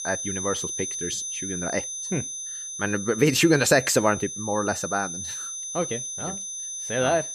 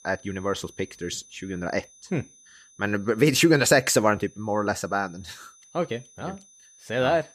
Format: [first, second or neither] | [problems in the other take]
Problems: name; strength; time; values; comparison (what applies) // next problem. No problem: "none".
second | high-pitched whine; loud; throughout; 6 kHz, 5 dB below the speech; faint in the second